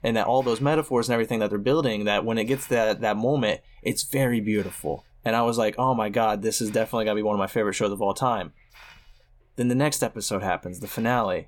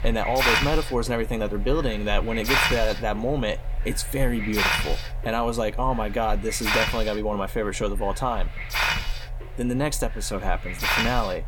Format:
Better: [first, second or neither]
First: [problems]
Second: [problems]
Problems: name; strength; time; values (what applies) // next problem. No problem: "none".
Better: first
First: hiss; faint; throughout; 30 dB below the speech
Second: hiss; loud; throughout; as loud as the speech